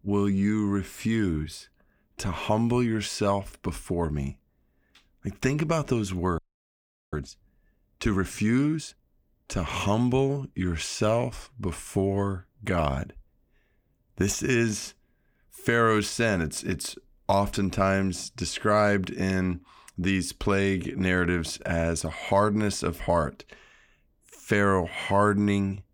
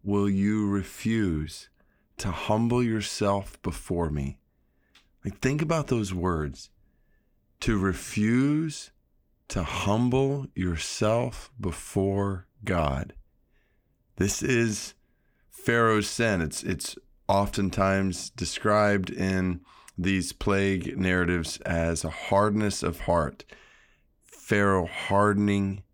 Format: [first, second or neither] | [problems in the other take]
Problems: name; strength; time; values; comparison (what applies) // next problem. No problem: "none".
second | audio freezing; at 6.5 s for 1 s